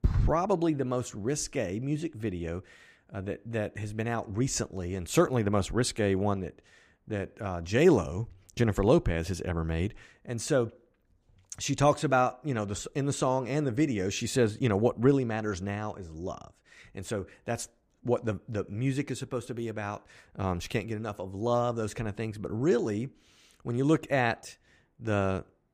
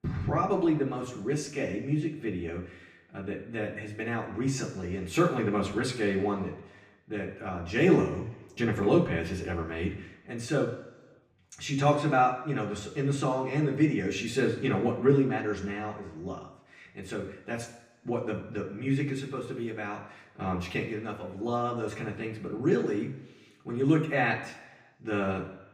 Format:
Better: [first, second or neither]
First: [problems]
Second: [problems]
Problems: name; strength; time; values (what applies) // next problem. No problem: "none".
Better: first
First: none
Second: room echo; slight; dies away in 1 s // off-mic speech; far